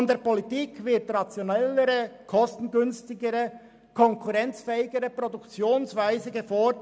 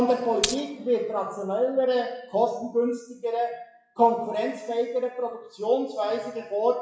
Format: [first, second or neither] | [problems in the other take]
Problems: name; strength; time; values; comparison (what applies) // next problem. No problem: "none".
first | noise reduction (classical method WPE with log-MMSE)